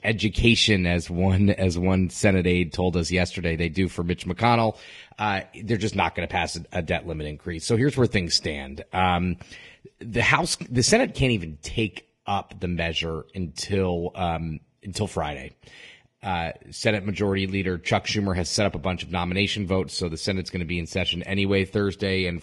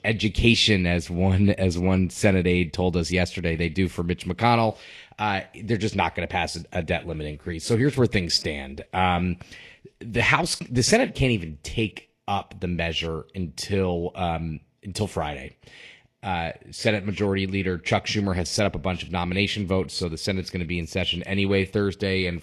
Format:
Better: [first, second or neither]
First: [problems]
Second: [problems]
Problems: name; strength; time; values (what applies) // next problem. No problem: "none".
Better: second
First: garbled, watery; badly; nothing above 10.5 kHz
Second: garbled, watery; slightly